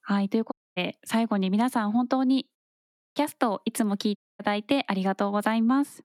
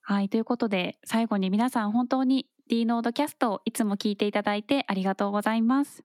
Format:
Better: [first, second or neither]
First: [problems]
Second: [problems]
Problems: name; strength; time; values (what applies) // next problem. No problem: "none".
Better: second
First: audio cutting out; at 0.5 s, at 2.5 s for 0.5 s and at 4 s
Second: none